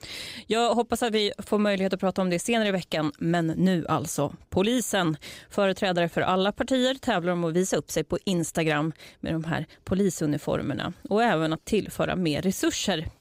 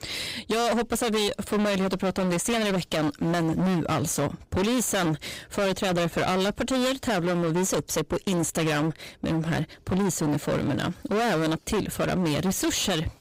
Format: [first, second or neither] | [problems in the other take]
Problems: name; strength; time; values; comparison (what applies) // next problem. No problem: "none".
first | distortion; heavy; 31% of the sound clipped